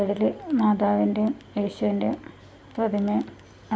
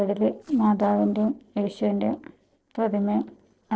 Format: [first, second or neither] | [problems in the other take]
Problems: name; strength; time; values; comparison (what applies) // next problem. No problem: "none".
first | noise reduction (neural separator model SepFormer DNS4)